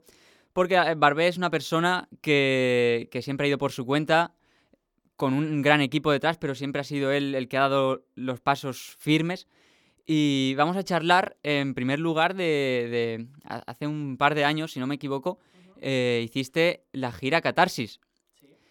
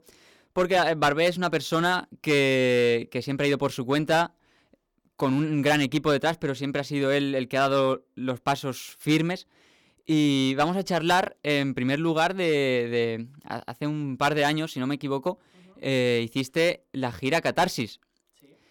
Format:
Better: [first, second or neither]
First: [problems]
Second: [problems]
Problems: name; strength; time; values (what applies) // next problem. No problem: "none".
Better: first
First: none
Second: distortion; slight; 4% of the sound clipped